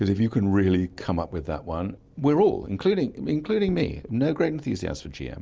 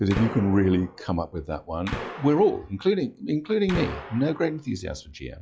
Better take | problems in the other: first | noise reduction (classical method log-MMSE)

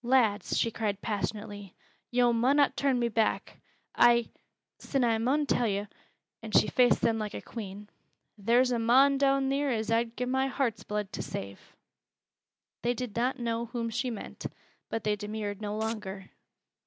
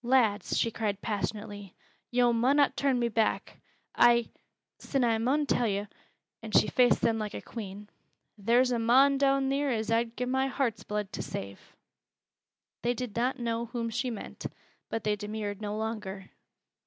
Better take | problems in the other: second | background sound (Domestic sounds, home sounds); 19 dB below the speech

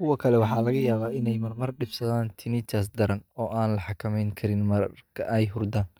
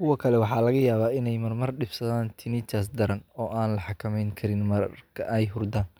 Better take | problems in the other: second | noise reduction (neural mask model DeepFilterNet 3)

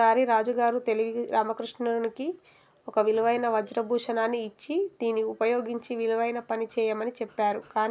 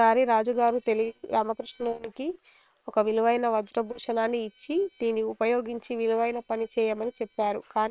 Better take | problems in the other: first | noise reduction (neural separator model SepFormer WHAM!)

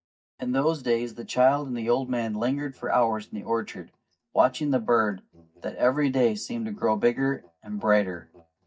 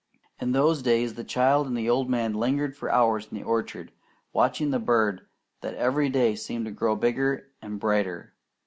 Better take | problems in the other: second | noise reduction (neural mask model DeepFilterNet 3)

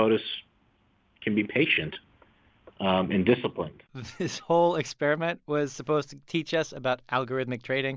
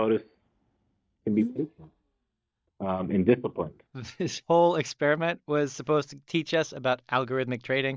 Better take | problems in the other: first | noise reduction (neural mask model DeepFilterNet 3)

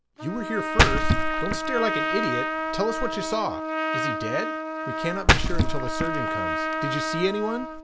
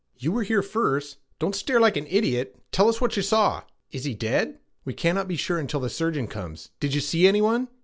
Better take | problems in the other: second | background sound (Splash, splatter + Trumpet); 5 dB above the speech

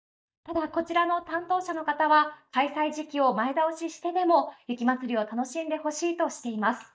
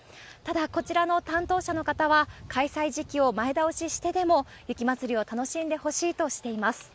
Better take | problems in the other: second | noise reduction (neural mask model DeepFilterNet 3)

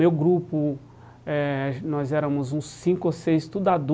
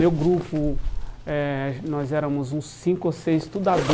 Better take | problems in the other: first | background sound (Zipper (clothing)); 7 dB below the speech

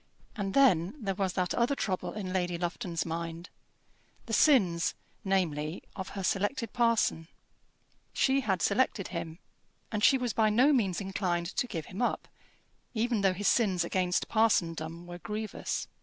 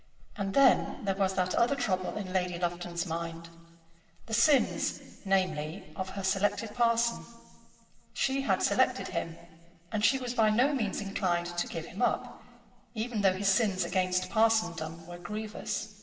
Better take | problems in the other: first | room echo; dies away in 1.8 s

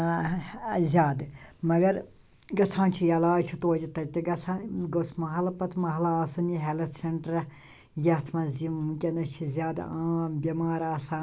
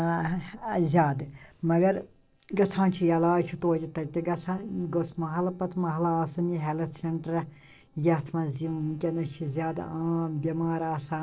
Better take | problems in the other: first | noise reduction (neural separator model SepFormer DNS4)

